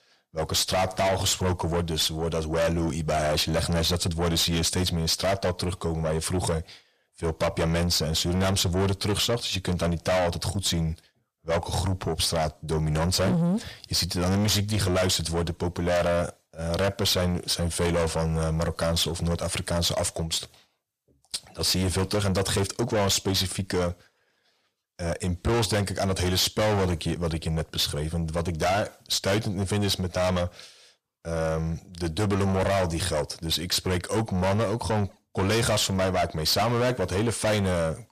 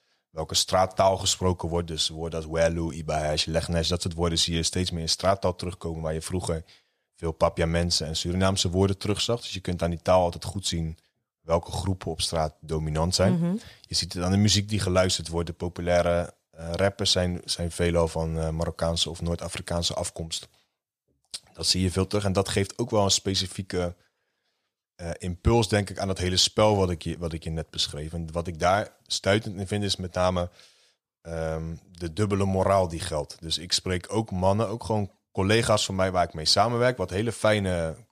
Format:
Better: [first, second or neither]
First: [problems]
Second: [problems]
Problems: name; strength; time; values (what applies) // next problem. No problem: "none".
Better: second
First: distortion; heavy; 5 dB below the speech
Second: none